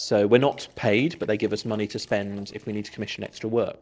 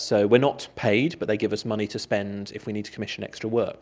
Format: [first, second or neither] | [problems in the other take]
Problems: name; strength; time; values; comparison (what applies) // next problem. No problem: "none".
second | noise reduction (neural separator model SepFormer DNS4)